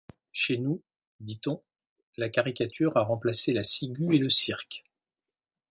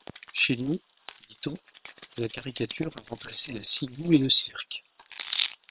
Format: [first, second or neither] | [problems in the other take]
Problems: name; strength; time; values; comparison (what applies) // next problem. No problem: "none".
first | noise reduction (neural separator model SepFormer WHAM!)